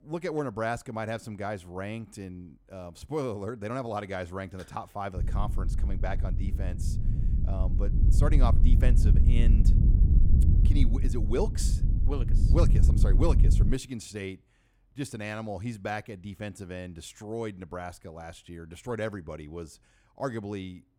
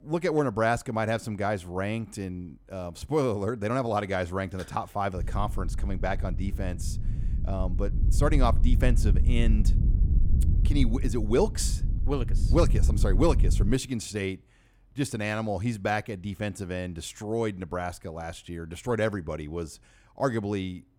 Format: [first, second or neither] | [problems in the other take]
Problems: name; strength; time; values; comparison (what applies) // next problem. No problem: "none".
second | wind noise on the microphone; heavy; from 5 to 14 s; 6 dB below the speech; occasional gusts in the second